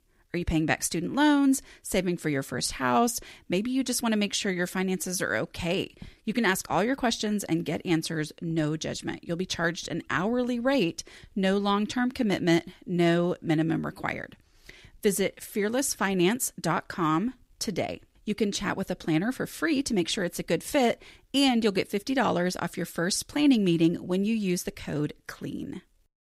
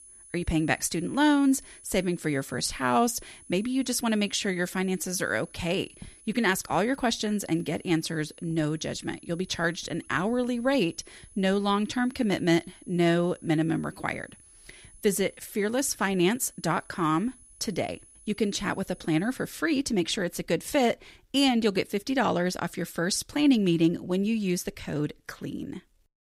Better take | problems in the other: first | high-pitched whine; faint; until 20 s; 10 kHz, 25 dB below the speech

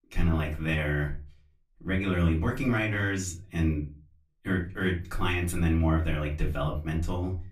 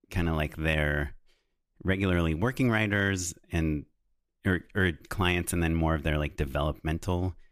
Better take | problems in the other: second | room echo; very slight; dies away in 0.3 s // off-mic speech; far

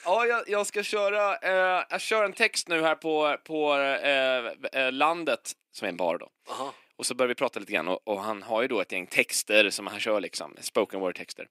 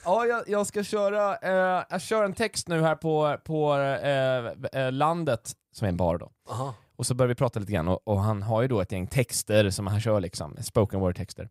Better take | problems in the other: second | thin; somewhat; fading below 300 Hz

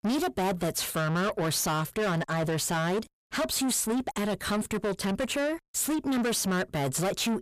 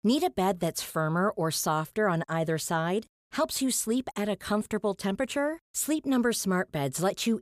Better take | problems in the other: second | distortion; heavy; 7 dB below the speech

